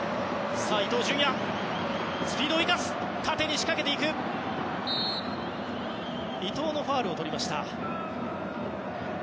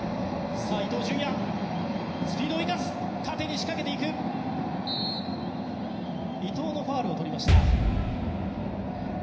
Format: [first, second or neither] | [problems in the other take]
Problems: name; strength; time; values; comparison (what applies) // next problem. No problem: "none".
first | background sound (Explosion); 2 dB below the speech // room echo; dies away in 0.9 s